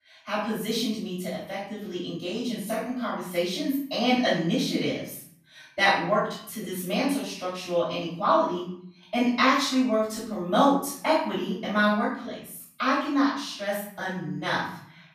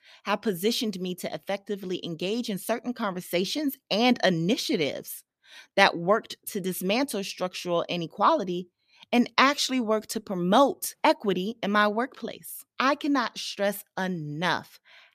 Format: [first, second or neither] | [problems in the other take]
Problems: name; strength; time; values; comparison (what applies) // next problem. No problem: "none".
second | off-mic speech; far // room echo; noticeable; dies away in 0.6 s